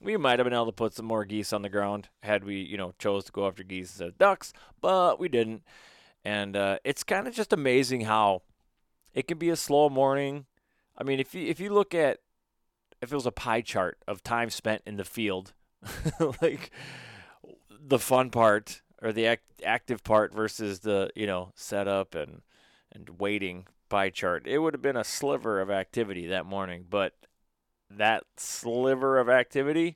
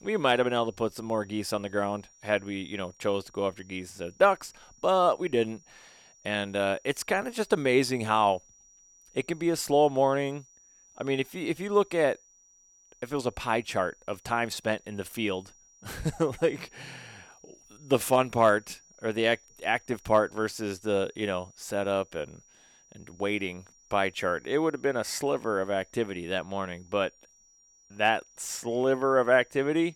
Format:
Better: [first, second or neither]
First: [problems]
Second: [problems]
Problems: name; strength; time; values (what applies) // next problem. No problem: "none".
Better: first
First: none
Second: high-pitched whine; faint; throughout; 6 kHz, 30 dB below the speech